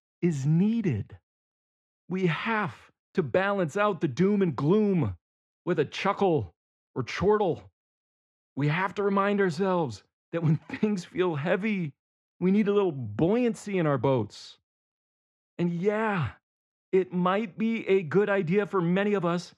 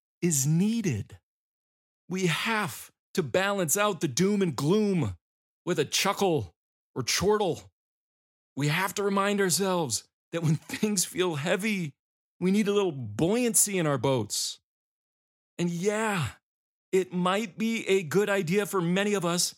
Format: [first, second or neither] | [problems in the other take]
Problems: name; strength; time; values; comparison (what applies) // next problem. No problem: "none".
second | muffled; very; fading above 2 kHz